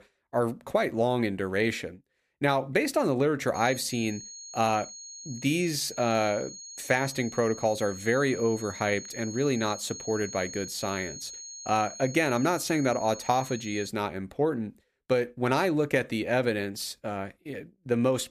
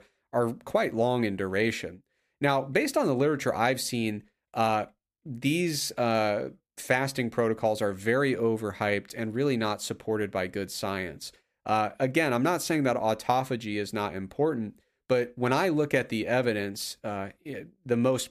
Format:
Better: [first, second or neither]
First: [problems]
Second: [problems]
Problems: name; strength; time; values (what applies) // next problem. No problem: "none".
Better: second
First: high-pitched whine; noticeable; from 3.5 to 14 s; 6.5 kHz, 10 dB below the speech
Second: none